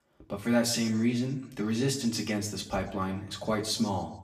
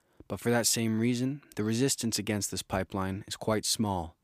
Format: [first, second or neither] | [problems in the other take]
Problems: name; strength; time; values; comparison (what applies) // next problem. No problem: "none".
second | room echo; slight; dies away in 0.6 s // off-mic speech; far